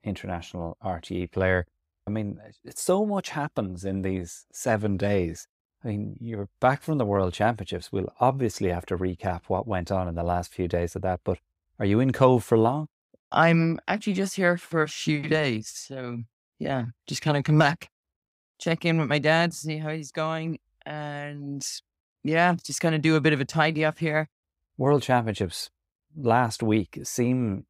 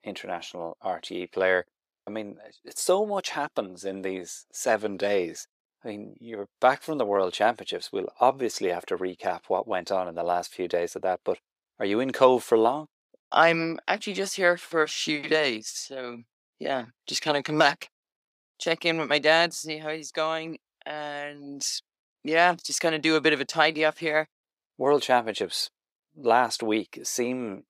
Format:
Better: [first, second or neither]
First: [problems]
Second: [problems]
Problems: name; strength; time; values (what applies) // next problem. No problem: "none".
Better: first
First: none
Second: thin; somewhat; fading below 400 Hz